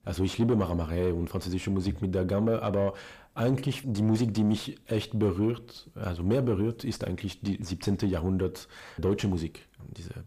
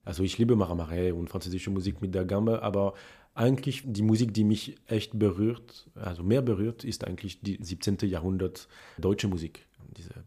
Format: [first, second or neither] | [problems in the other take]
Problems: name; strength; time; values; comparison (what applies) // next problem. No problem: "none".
second | distortion; slight; 10 dB below the speech